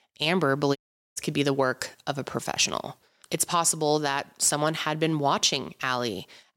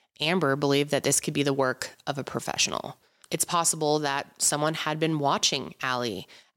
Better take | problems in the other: second | audio cutting out; at 1 s

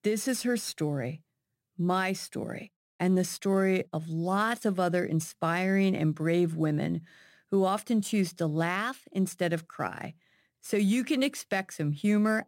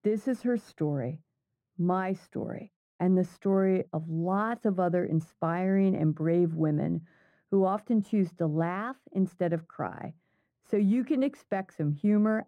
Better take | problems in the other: first | muffled; very; fading above 2 kHz

